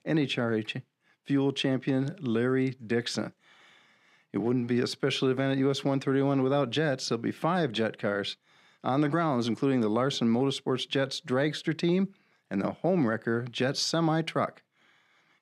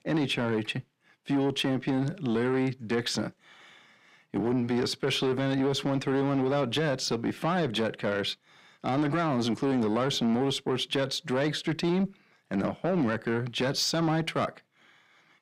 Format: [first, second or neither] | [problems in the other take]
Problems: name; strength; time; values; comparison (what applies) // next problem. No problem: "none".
first | distortion; slight; 10 dB below the speech